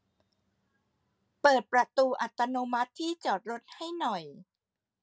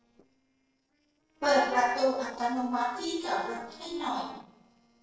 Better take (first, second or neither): first